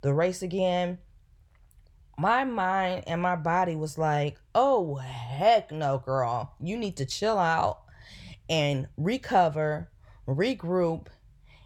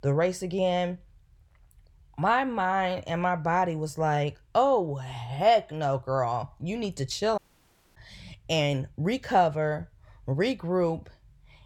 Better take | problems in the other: first | audio cutting out; at 7.5 s for 0.5 s

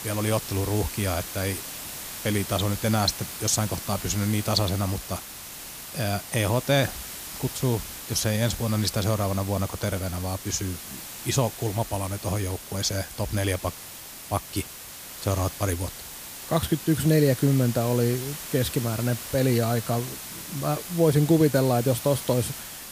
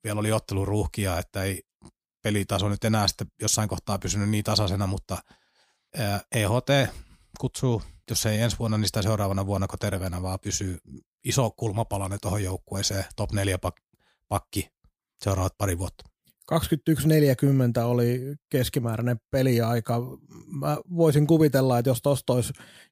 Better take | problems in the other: second | hiss; loud; throughout; 9 dB below the speech

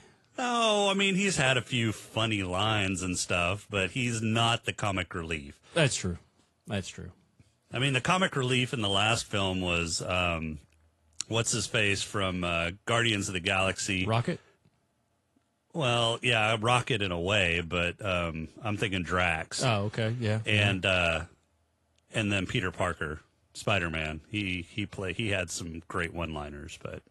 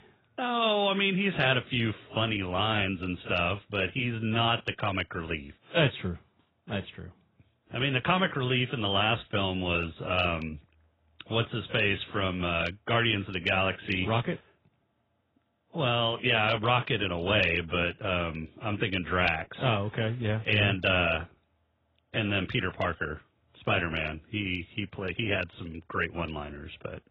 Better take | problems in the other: first | garbled, watery; badly; nothing above 8 kHz; slightly in the first

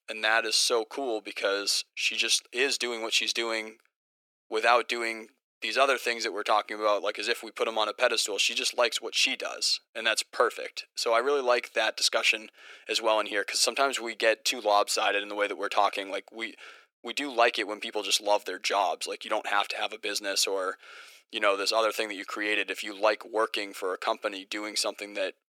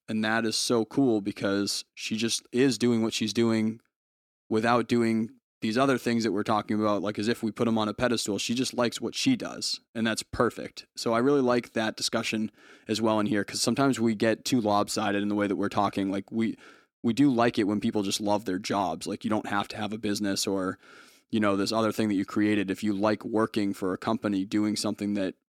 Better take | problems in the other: second | thin; very; fading below 500 Hz

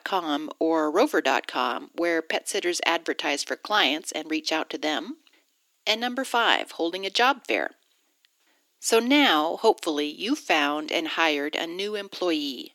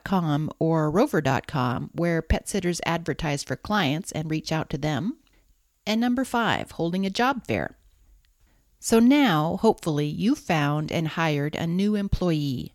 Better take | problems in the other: second | thin; somewhat; fading below 300 Hz

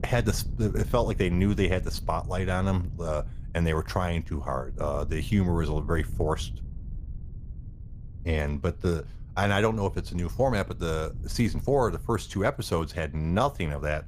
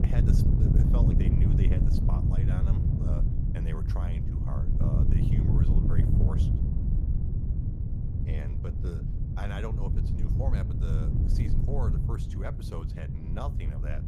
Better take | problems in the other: first | wind noise on the microphone; heavy; 3 dB above the speech; occasional gusts in the first

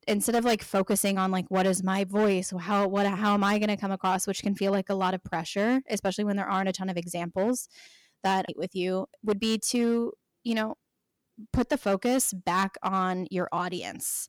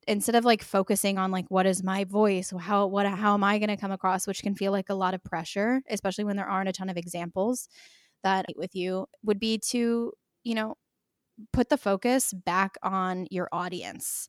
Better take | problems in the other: second | distortion; slight; 5% of the sound clipped

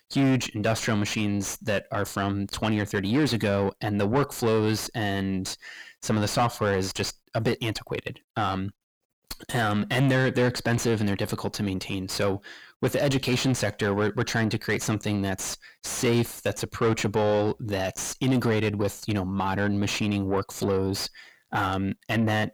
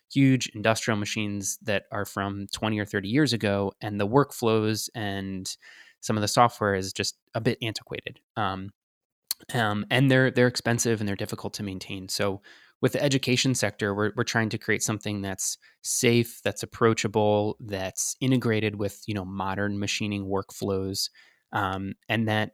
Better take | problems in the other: second | distortion; heavy; 7 dB below the speech

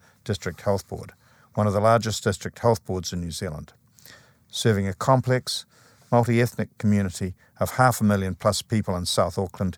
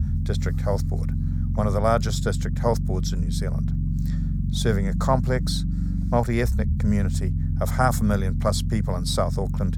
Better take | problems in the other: first | low rumble; noticeable; throughout; 10 dB below the speech

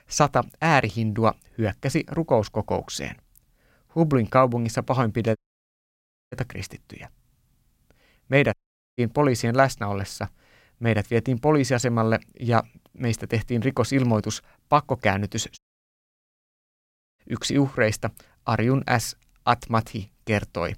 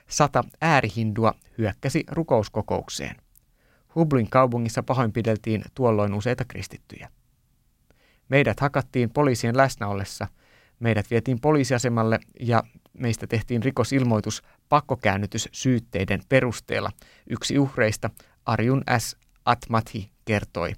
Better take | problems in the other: second | audio cutting out; at 5.5 s for 1 s, at 8.5 s and at 16 s for 1.5 s

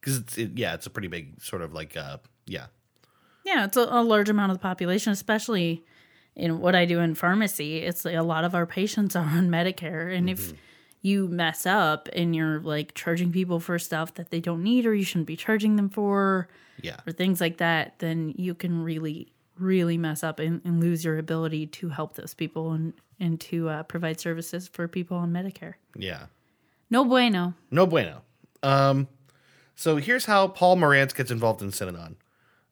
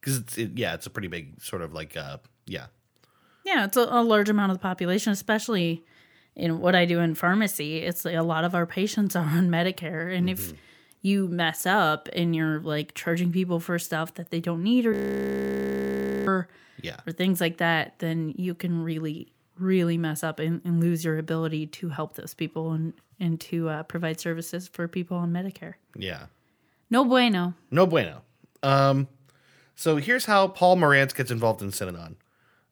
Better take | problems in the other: first | audio freezing; at 15 s for 1.5 s

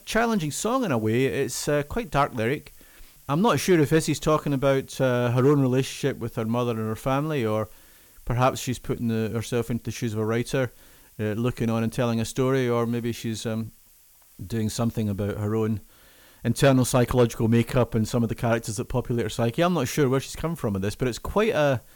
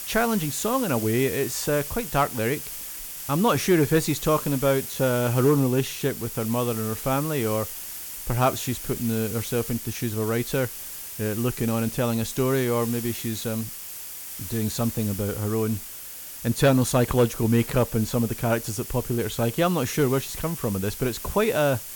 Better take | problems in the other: first | hiss; loud; throughout; 8 dB below the speech; faint in the first

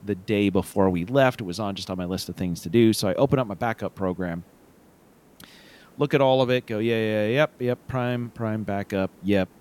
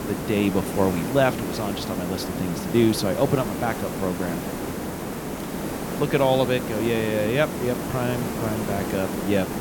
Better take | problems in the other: first | hiss; loud; throughout; 5 dB below the speech; faint in the first

